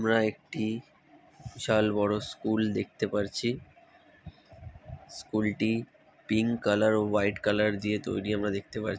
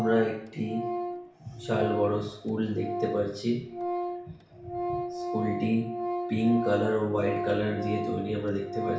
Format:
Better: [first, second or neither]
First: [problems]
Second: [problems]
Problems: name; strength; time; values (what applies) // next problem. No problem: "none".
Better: first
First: none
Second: background sound (Organ); 5 dB below the speech // room echo; dies away in 0.6 s